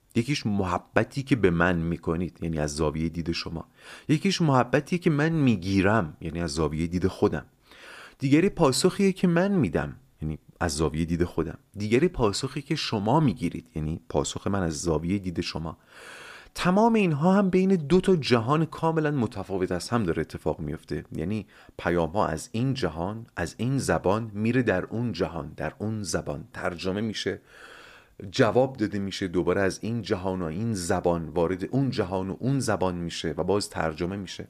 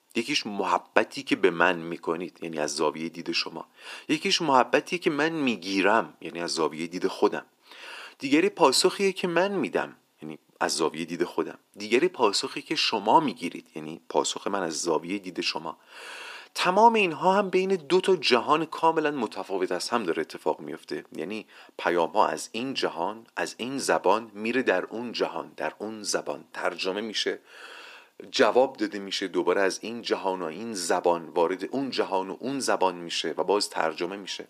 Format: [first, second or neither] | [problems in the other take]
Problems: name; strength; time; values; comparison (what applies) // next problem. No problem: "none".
first | thin; somewhat; fading below 300 Hz